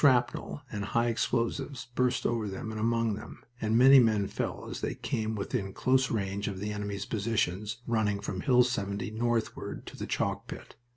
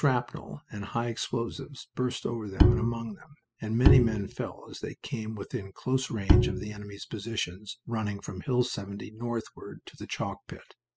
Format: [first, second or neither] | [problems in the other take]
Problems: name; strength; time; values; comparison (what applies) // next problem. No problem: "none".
first | noise reduction (classical method spectral subtraction)